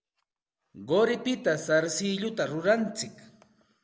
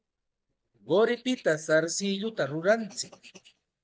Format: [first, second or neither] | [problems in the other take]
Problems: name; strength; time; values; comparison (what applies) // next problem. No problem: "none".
first | noise reduction (neural mask model DeepFilterNet 3)